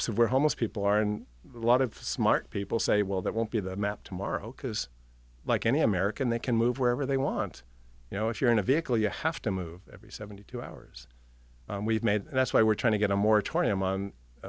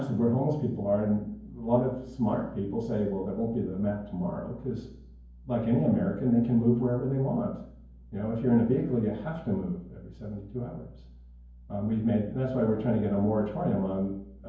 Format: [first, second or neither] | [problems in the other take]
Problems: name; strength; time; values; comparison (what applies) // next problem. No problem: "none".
first | room echo; dies away in 0.9 s